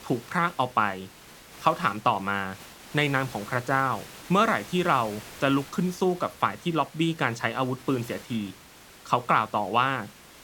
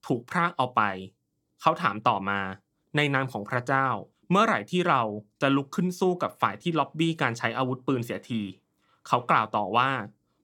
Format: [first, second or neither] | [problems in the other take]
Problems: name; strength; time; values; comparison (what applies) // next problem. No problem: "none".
second | hiss; noticeable; throughout; 20 dB below the speech